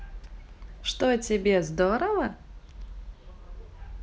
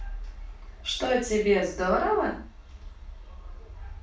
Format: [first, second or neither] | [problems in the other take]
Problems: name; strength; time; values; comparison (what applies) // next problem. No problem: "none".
first | room echo; dies away in 0.3 s